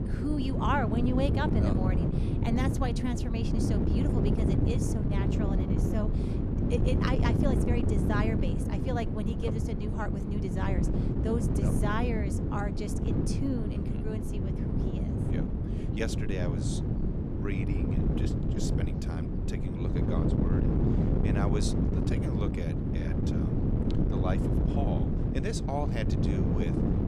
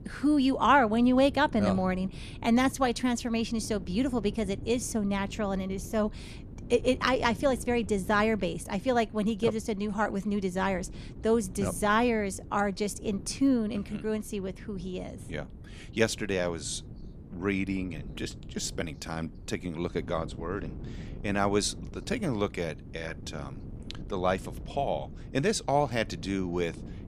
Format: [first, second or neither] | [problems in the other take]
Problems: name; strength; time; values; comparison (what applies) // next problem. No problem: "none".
second | wind noise on the microphone; heavy; as loud as the speech; occasional gusts in the second